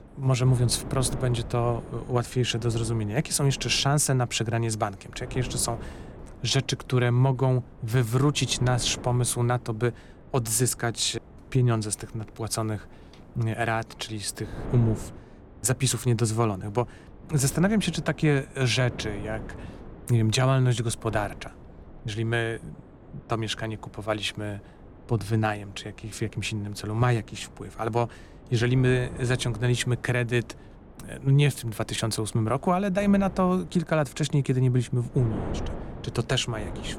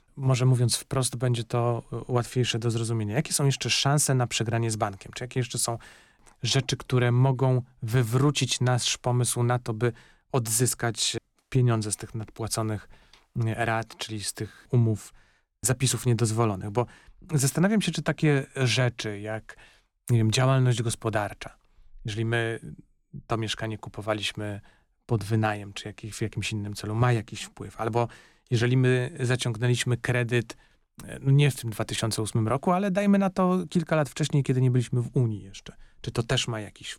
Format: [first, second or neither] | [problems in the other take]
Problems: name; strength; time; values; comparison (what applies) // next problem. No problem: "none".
second | wind noise on the microphone; occasional gusts; 20 dB below the speech